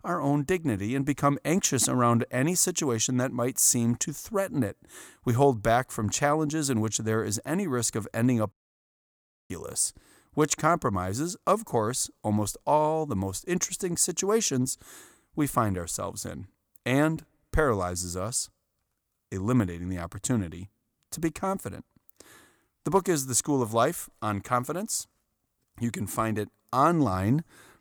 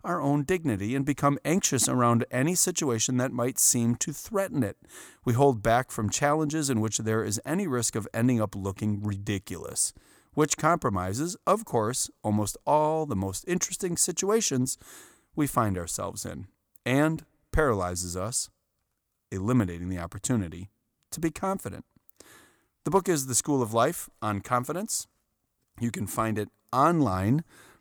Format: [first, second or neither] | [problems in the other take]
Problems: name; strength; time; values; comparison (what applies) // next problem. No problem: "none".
second | audio cutting out; at 8.5 s for 1 s